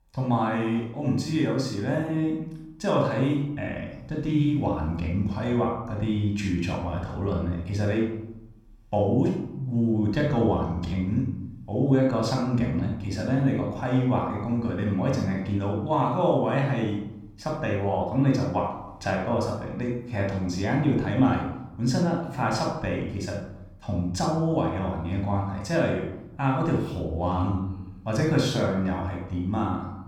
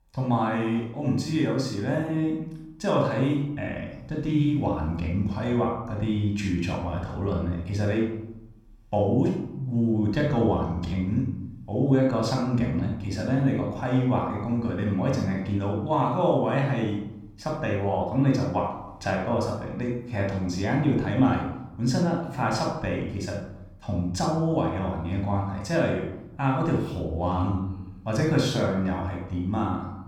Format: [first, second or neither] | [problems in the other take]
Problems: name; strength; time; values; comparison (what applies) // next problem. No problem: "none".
neither | off-mic speech; somewhat distant; the same in both // room echo; noticeable; dies away in 0.7 s; the same in both